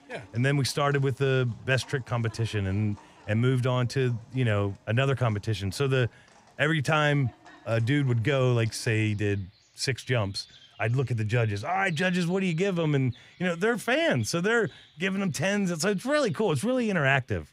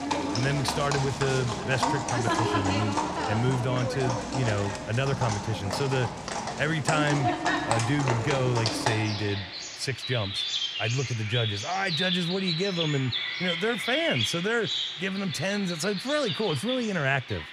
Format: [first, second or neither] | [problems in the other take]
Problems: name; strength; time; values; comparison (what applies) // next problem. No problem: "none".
first | animal sounds; loud; throughout; 1 dB below the speech; faint in the first